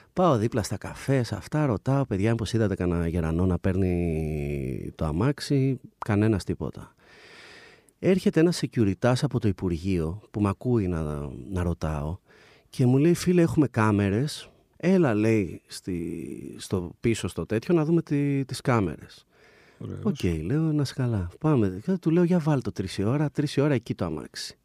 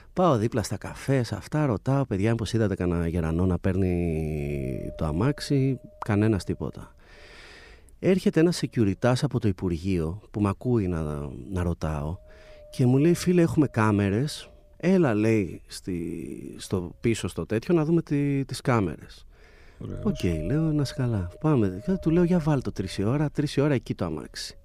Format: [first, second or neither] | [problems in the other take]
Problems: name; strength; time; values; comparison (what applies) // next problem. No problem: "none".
first | wind noise on the microphone; occasional gusts; 15 dB below the speech